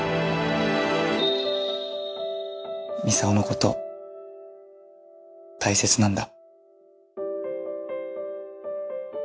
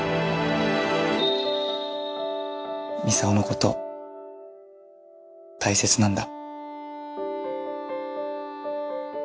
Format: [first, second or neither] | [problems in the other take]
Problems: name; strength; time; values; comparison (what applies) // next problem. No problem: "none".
first | background sound (Wind instrument, woodwind instrument); 11 dB below the speech